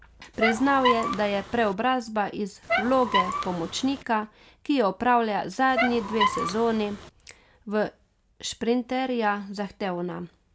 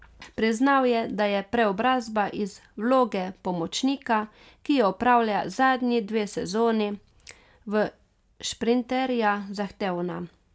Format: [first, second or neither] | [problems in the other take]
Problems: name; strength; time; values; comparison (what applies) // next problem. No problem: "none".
second | background sound (Squeak); 2 dB below the speech